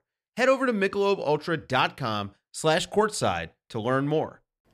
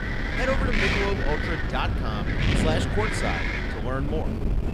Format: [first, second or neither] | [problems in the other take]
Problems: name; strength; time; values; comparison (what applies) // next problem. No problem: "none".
first | wind noise on the microphone; heavy; 2 dB above the speech